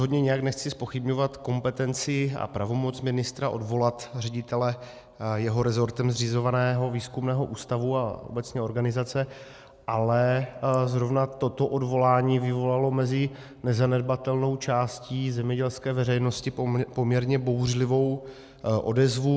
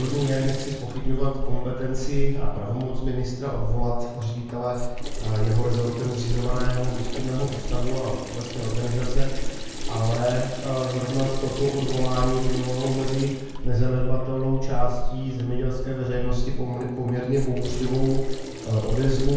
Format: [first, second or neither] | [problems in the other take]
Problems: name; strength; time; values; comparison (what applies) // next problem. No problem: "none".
first | background sound (Sink (filling or washing) / Water tap, faucet); 2 dB above the speech // room echo; dies away in 1.2 s